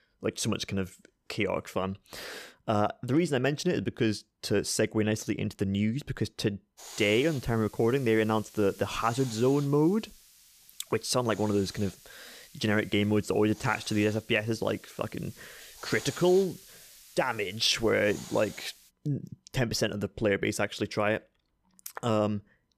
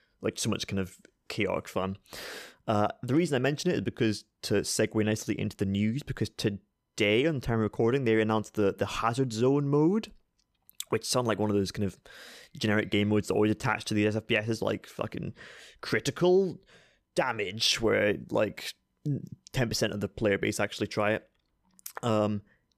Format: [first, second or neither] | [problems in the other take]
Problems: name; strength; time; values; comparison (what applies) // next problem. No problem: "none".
second | hiss; noticeable; from 7 to 19 s; 20 dB below the speech